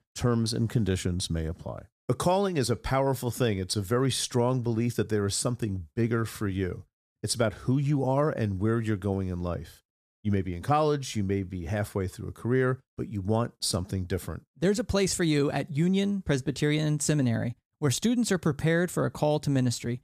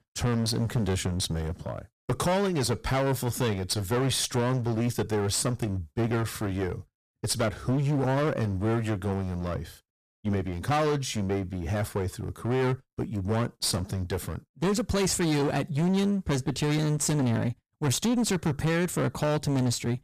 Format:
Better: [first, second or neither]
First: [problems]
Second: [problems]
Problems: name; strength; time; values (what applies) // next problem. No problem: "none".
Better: first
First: none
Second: distortion; heavy; 19% of the sound clipped